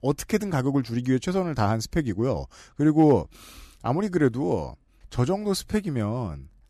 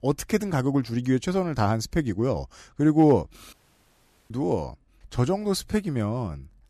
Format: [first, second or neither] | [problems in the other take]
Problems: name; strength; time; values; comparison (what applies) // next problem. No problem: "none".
first | audio cutting out; at 3.5 s for 1 s